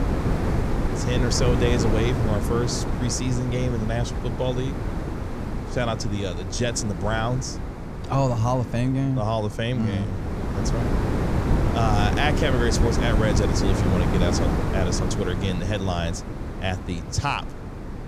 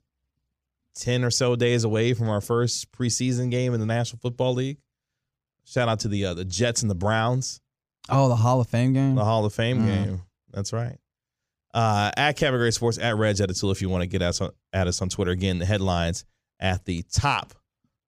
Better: second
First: wind noise on the microphone; heavy; 4 dB below the speech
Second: none

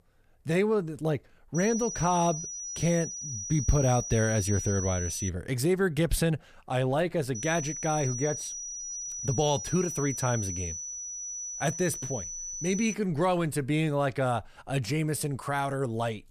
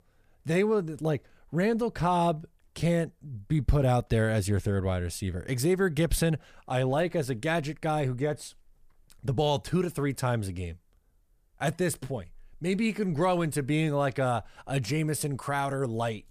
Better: second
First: high-pitched whine; loud; from 1.5 to 5.5 s and from 7.5 to 13 s; 6 kHz, 5 dB below the speech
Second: none

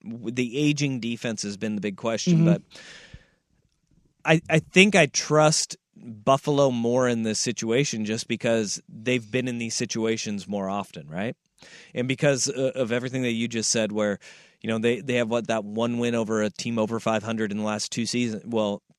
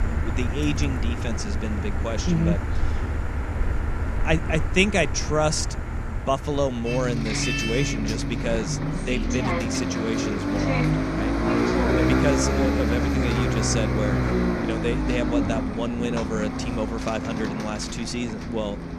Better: first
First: none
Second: traffic noise; very loud; throughout; 2 dB above the speech

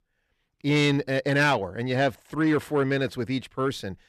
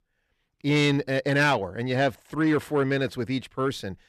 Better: neither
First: distortion; slight; 10 dB below the speech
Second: distortion; slight; 10 dB below the speech

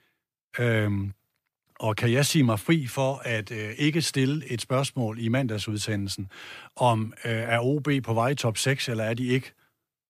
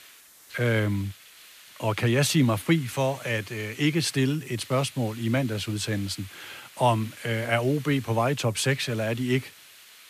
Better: first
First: none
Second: hiss; noticeable; throughout; 20 dB below the speech

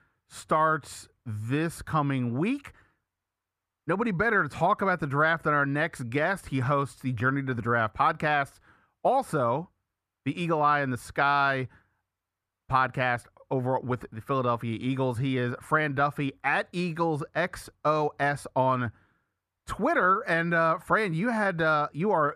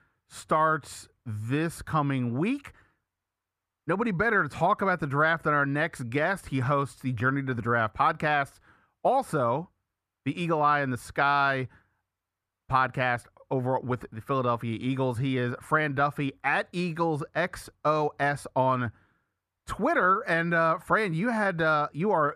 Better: neither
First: muffled; slightly; fading above 2.5 kHz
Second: muffled; slightly; fading above 2.5 kHz

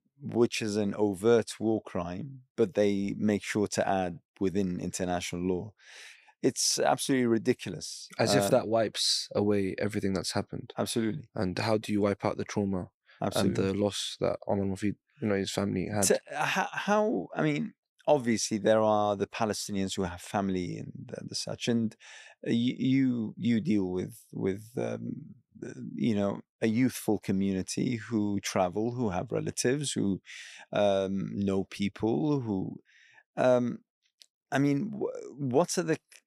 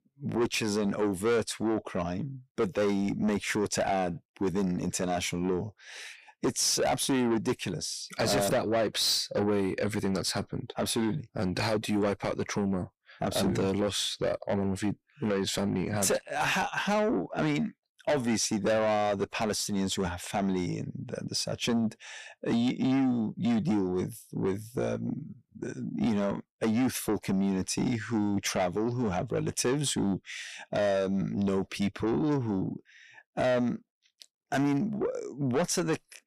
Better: first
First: none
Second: distortion; heavy; 8 dB below the speech

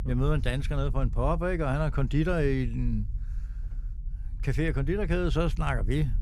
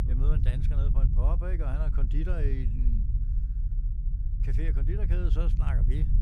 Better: first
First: low rumble; faint; throughout; 25 dB below the speech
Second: low rumble; loud; throughout; 5 dB below the speech

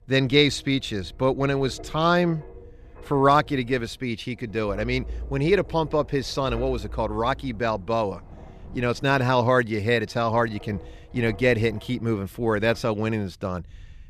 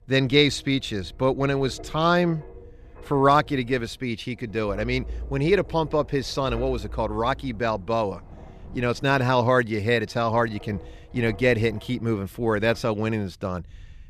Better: neither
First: wind noise on the microphone; occasional gusts; 25 dB below the speech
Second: wind noise on the microphone; occasional gusts; 25 dB below the speech

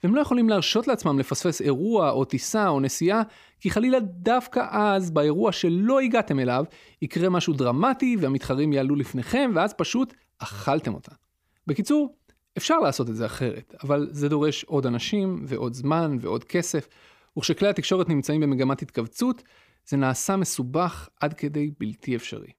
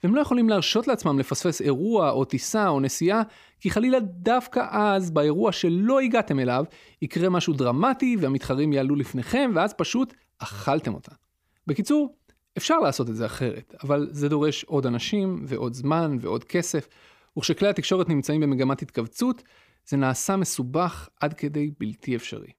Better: neither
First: none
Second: none

